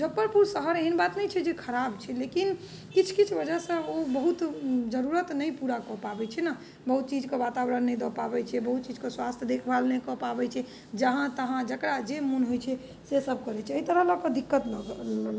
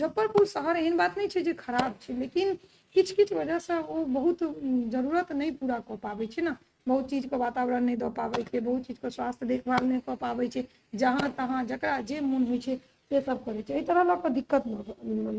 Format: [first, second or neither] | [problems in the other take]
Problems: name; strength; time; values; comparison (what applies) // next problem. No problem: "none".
first | noise reduction (neural mask model RNNoise)